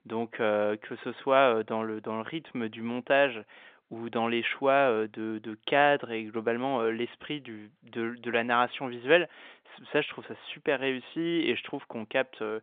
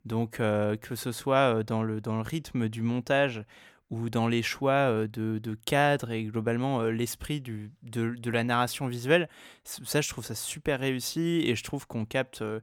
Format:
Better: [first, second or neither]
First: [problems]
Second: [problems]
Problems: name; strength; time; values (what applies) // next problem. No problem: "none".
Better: second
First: phone-call audio; nothing above 3.5 kHz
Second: none